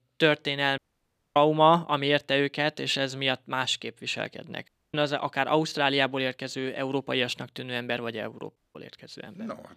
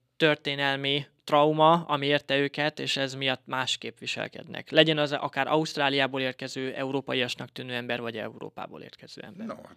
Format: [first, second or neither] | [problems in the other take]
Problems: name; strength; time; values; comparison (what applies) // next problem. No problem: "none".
second | audio cutting out; at 1 s for 0.5 s, at 4.5 s and at 8.5 s